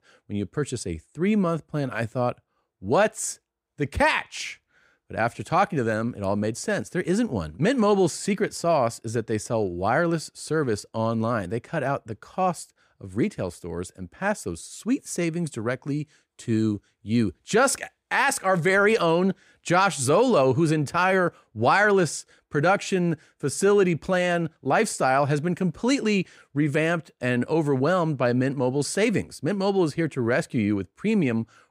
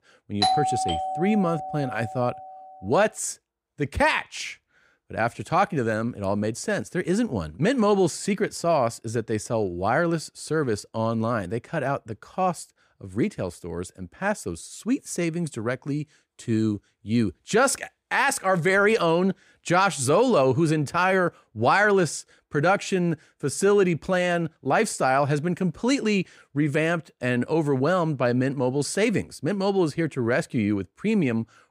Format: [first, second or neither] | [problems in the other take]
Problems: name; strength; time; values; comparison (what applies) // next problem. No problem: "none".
first | doorbell; loud; until 2 s; peak 2 dB above the speech